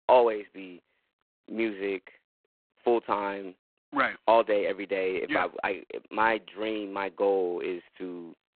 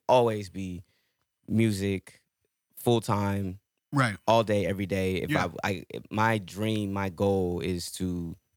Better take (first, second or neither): second